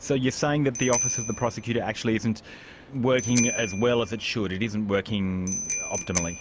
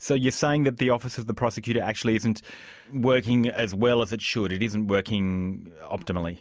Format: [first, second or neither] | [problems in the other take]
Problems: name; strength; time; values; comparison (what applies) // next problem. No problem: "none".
second | background sound (Bicycle bell); 8 dB below the speech